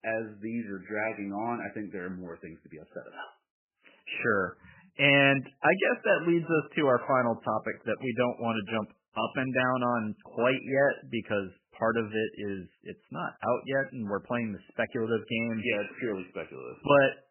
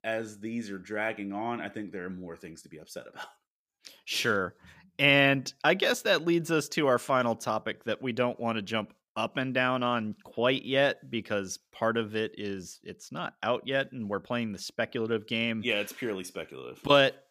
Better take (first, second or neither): second